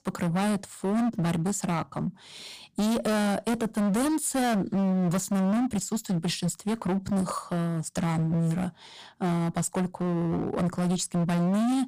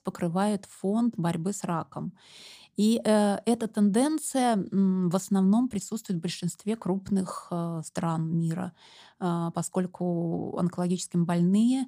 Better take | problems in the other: second | distortion; heavy; 28% of the sound clipped

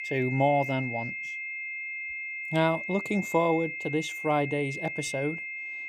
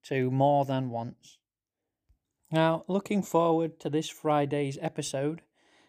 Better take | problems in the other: second | high-pitched whine; loud; throughout; 2 kHz, 5 dB below the speech

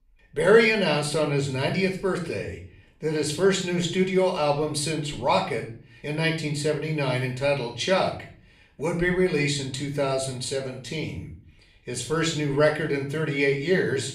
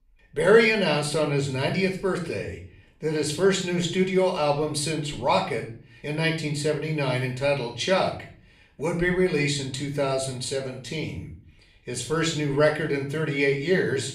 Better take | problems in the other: neither | off-mic speech; somewhat distant; the same in both // room echo; slight; dies away in 0.5 s; the same in both

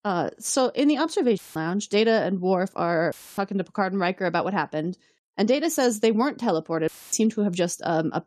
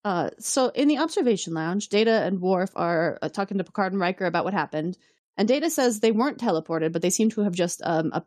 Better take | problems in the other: second | audio cutting out; filled with static; at 1.5 s, at 3 s and at 7 s

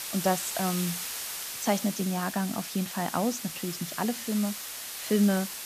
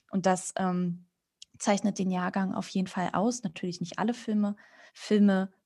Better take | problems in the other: second | hiss; loud; throughout; 5 dB below the speech

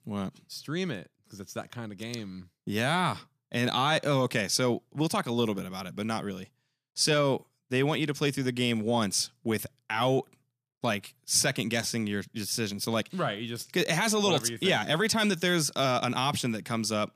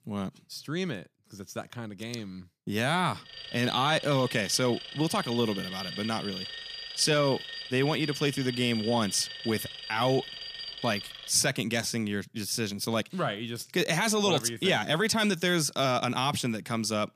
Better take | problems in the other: first | alarm; noticeable; from 3.5 to 11 s; peak 8 dB below the speech

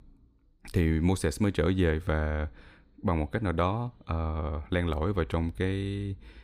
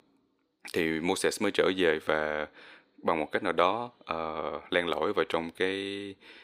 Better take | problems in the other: first | thin; somewhat; fading below 450 Hz

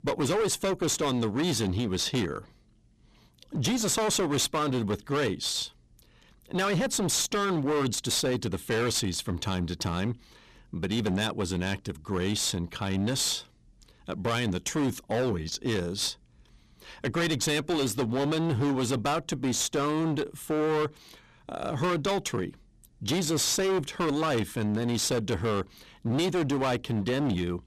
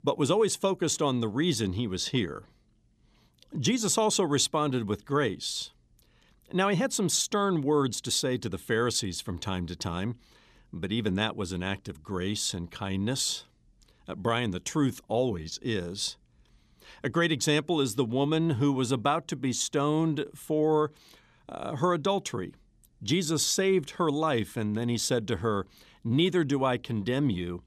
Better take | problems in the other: second | distortion; heavy; 20% of the sound clipped

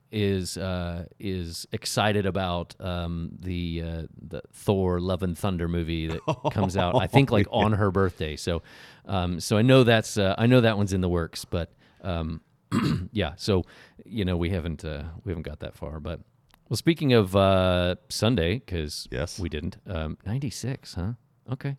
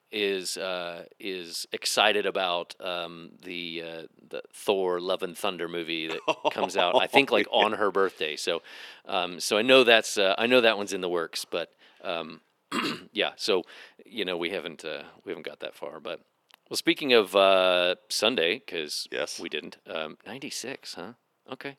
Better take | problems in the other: first | thin; somewhat; fading below 350 Hz

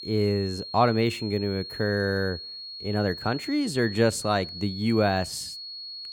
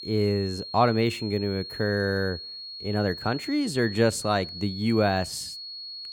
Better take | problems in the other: neither | high-pitched whine; noticeable; throughout; 4.5 kHz, 10 dB below the speech; the same in both

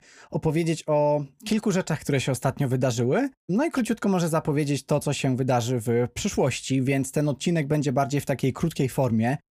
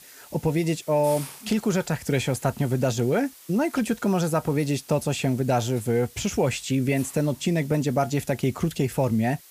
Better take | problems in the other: first | hiss; noticeable; throughout; 20 dB below the speech

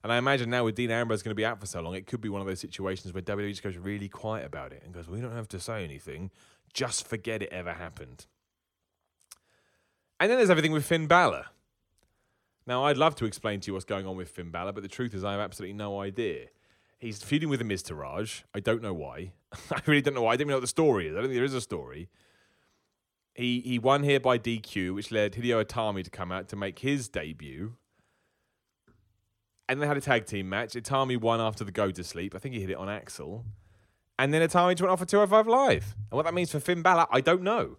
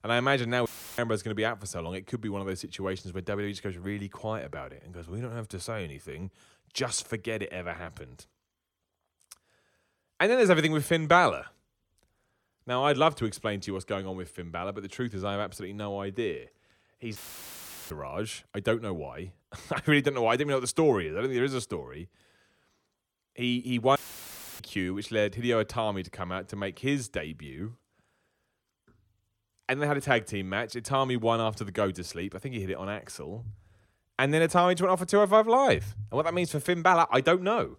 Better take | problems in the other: first | audio cutting out; filled with static; at 0.5 s, at 17 s for 0.5 s and at 24 s for 0.5 s

